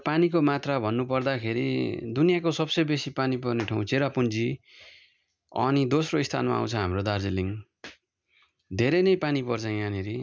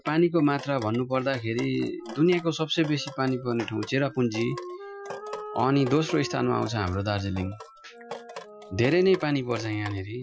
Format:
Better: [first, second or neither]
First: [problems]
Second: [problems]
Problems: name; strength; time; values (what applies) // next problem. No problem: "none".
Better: first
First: none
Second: noise reduction (classical method Wiener filter)